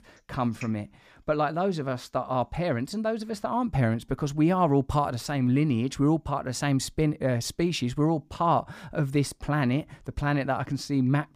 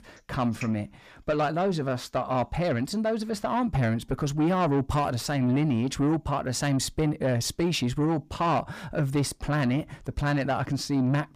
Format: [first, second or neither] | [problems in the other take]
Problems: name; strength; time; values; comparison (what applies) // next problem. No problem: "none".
first | distortion; slight; 10 dB below the speech